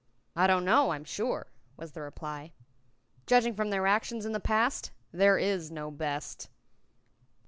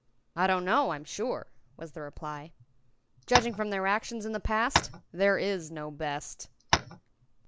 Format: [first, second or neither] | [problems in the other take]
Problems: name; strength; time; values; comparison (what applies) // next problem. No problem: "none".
first | background sound (Tap); 2 dB above the speech